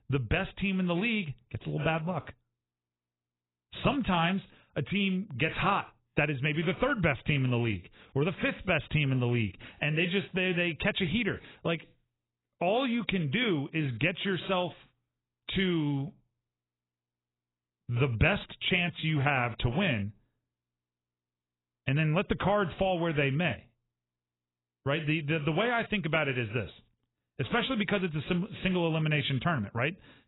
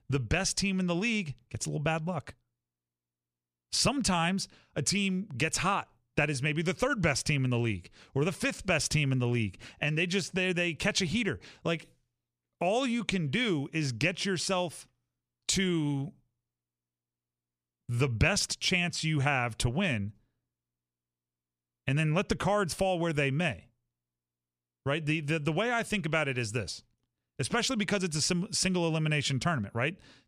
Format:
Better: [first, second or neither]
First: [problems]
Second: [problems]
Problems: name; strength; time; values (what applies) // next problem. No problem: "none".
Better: second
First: garbled, watery; badly; nothing above 4 kHz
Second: none